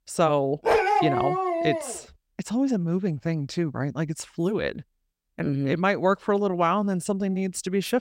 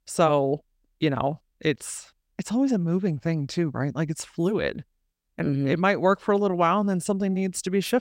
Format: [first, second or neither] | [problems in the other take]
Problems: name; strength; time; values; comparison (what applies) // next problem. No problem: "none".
second | dog barking; loud; from 0.5 to 2 s; peak 5 dB above the speech